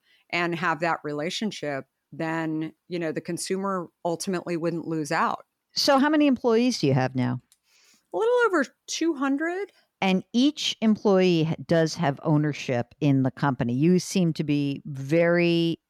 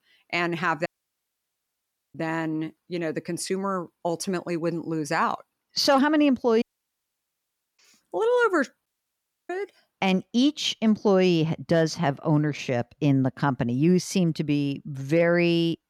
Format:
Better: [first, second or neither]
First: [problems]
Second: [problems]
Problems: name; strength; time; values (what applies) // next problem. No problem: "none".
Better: first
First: none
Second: audio cutting out; at 1 s for 1.5 s, at 6.5 s for 1 s and at 9 s for 0.5 s